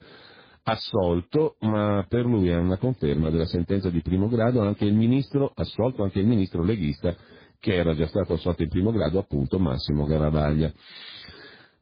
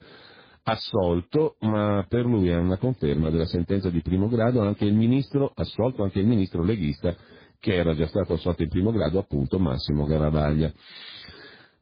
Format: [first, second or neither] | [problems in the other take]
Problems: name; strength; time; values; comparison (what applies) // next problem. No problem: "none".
neither | garbled, watery; badly; nothing above 10.5 kHz; the same in both